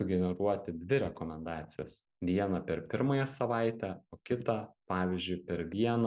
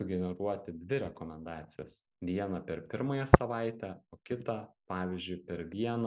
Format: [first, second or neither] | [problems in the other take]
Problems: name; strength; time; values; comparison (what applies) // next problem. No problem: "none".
first | background sound (Tap); 3 dB above the speech